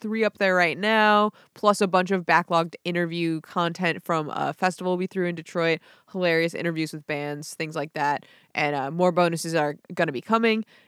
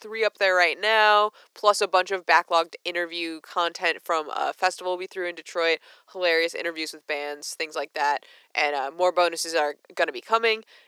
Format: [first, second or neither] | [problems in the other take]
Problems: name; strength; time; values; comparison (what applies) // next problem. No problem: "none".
first | thin; very; fading below 400 Hz